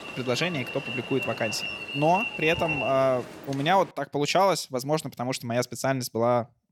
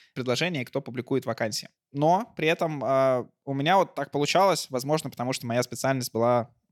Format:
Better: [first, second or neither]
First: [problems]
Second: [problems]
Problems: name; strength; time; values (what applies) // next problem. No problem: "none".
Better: second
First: alarm; noticeable; until 4 s; peak 1 dB below the speech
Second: none